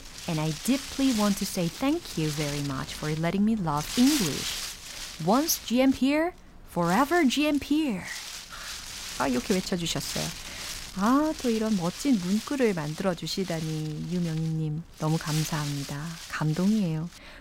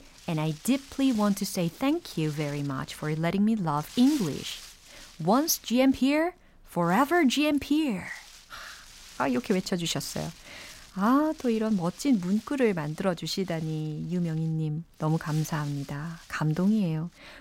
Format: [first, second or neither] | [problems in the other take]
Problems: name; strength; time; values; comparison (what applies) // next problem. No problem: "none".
second | wind noise on the microphone; heavy; 7 dB below the speech; occasional gusts in the second